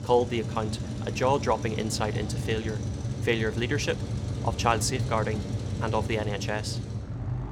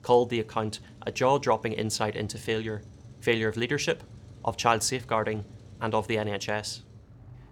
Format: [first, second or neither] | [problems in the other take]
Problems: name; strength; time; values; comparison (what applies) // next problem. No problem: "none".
second | traffic noise; loud; throughout; 3 dB below the speech; faint in the second